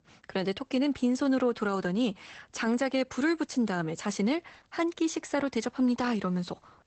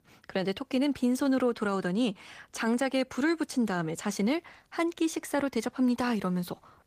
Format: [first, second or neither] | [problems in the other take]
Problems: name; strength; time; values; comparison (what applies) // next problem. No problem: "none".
second | garbled, watery; badly; nothing above 8 kHz; slightly in the second